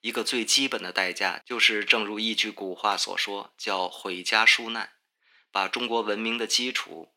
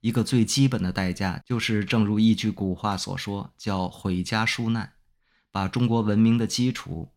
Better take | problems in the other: second | thin; very; fading below 350 Hz

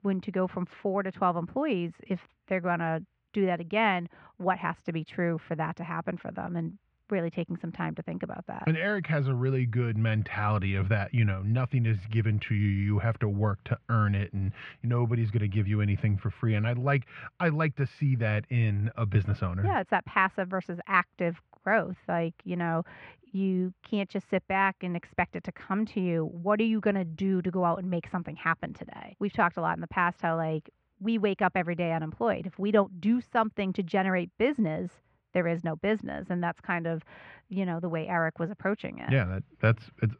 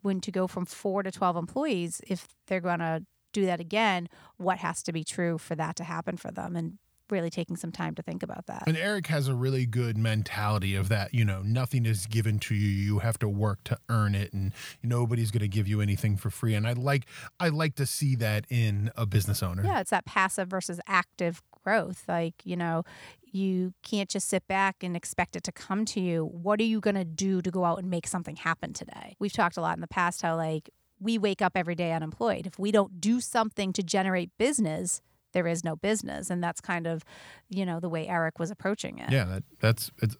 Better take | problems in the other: second | muffled; very; fading above 2.5 kHz

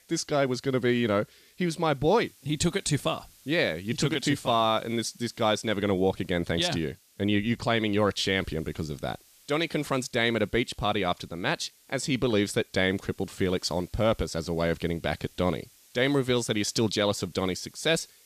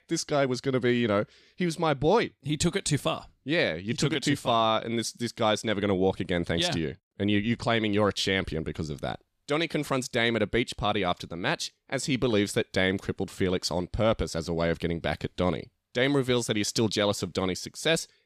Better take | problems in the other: second | hiss; faint; throughout; 30 dB below the speech

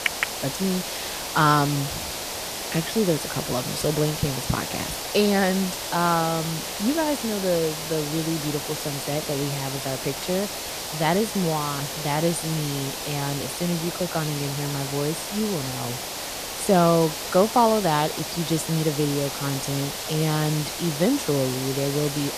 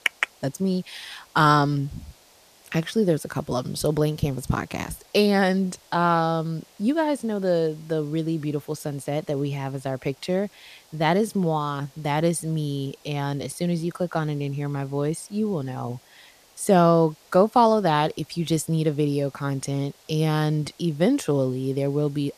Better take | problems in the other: second | hiss; loud; throughout; 4 dB below the speech; faint in the second

